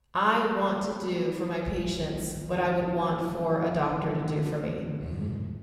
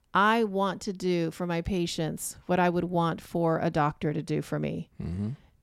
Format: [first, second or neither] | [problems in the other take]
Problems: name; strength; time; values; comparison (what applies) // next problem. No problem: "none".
second | off-mic speech; somewhat distant // room echo; noticeable; dies away in 2.1 s